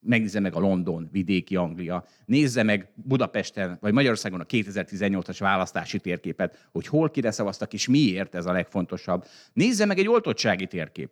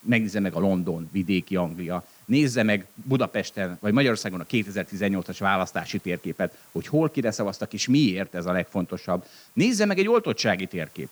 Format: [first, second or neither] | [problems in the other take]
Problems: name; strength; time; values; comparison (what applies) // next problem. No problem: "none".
first | hiss; faint; throughout; 25 dB below the speech